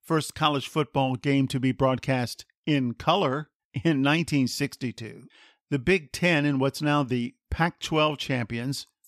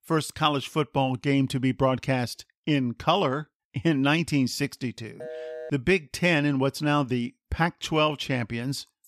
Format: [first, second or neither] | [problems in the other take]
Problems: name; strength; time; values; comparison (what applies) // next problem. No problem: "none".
first | phone ringing; faint; at 5 s; peak 10 dB below the speech